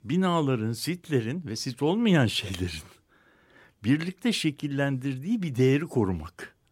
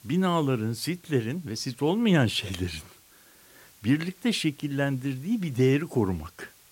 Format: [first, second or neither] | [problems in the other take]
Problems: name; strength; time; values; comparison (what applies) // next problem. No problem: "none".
first | hiss; faint; throughout; 25 dB below the speech